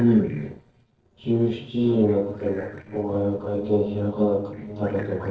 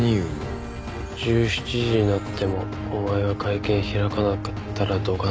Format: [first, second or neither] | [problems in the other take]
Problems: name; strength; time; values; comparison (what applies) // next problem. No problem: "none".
second | noise reduction (neural separator model SepFormer DNS4)